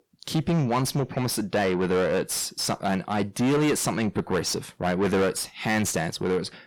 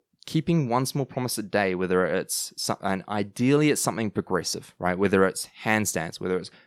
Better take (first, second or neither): second